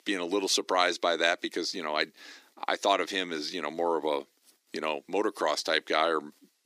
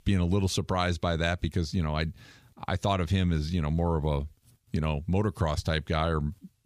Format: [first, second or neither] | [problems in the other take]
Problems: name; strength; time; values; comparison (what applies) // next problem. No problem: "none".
second | thin; very; fading below 300 Hz